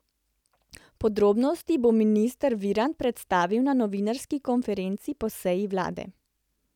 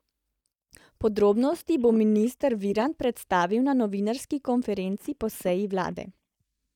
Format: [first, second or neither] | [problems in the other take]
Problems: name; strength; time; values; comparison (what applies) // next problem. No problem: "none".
first | noise reduction (neural mask model DeepFilterNet 3)